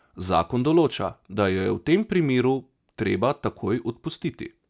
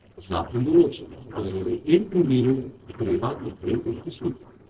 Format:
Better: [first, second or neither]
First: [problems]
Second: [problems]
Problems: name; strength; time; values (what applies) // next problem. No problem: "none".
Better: first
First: none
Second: noise reduction (neural separator model SepFormer DNS4)